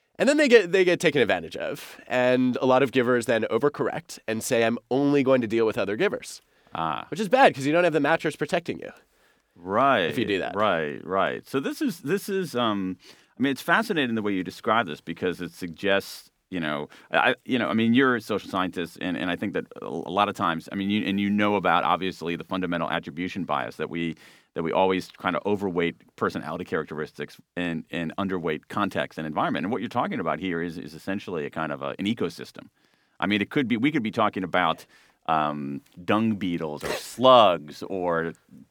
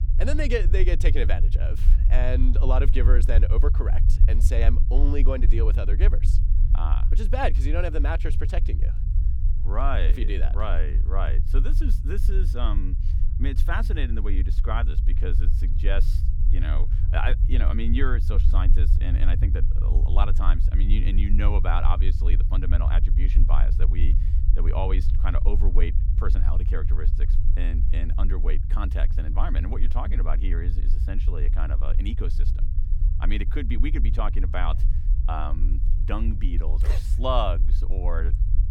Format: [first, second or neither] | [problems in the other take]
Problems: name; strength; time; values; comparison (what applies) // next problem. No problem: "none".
first | low rumble; noticeable; throughout; 10 dB below the speech